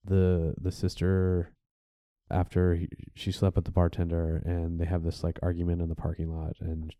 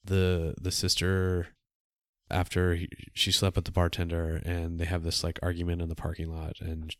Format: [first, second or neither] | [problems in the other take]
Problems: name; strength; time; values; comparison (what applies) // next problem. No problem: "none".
second | muffled; very; fading above 1.5 kHz